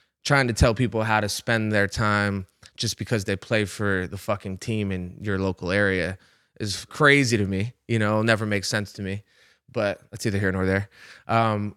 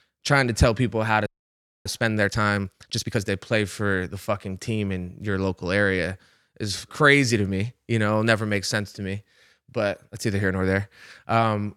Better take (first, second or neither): first